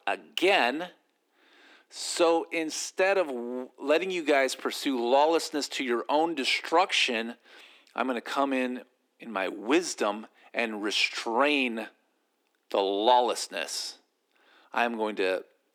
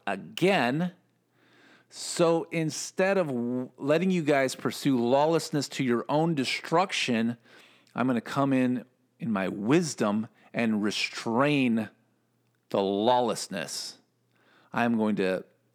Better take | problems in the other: second | thin; somewhat; fading below 300 Hz

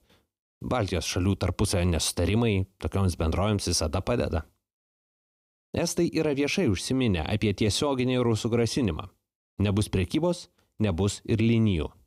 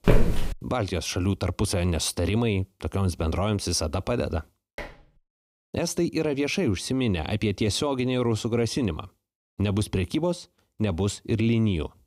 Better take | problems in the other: first | footsteps; loud; at the start; peak 3 dB above the speech // clattering dishes; faint; at 5 s; peak 15 dB below the speech

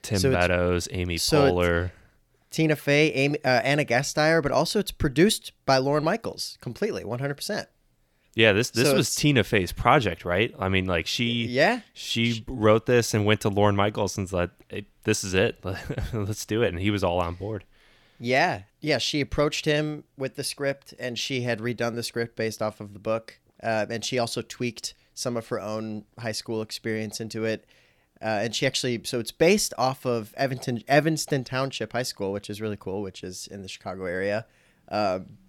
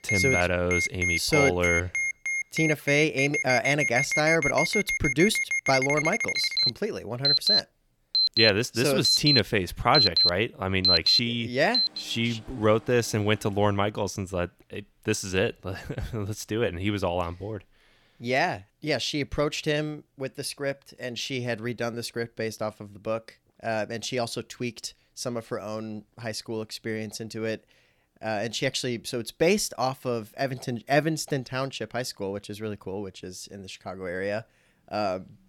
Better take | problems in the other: first | alarms or sirens; very loud; until 14 s; 4 dB above the speech

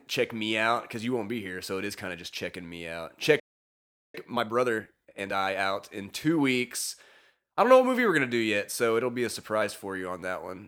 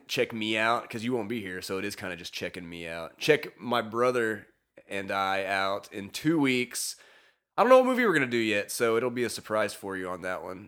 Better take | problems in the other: second | audio freezing; at 3.5 s for 0.5 s

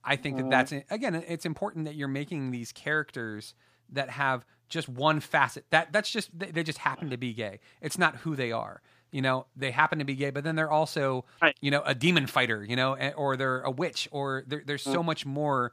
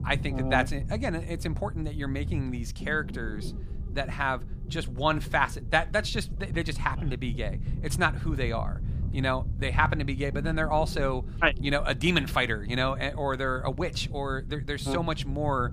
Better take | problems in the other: first | low rumble; noticeable; throughout; 20 dB below the speech

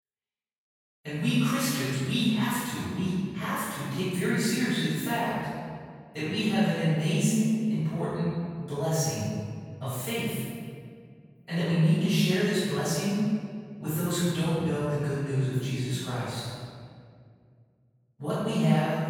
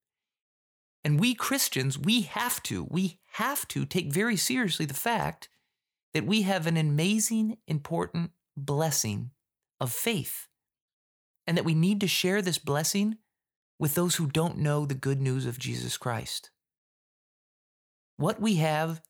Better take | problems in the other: second | room echo; strong; dies away in 1.9 s // off-mic speech; far

